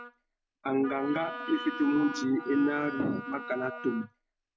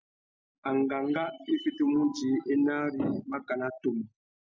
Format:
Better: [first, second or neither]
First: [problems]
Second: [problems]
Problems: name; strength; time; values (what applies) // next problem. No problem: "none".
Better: second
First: background sound (Wind instrument, woodwind instrument); 11 dB below the speech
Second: none